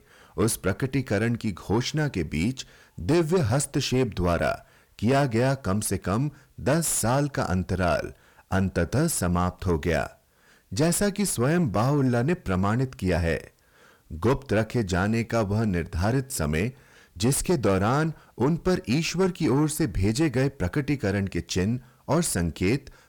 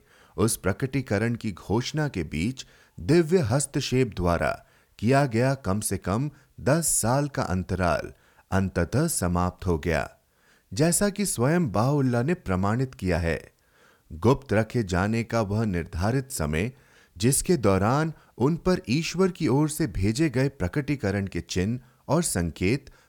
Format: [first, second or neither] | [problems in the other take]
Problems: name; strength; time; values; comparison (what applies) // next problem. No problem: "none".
second | distortion; slight; 10 dB below the speech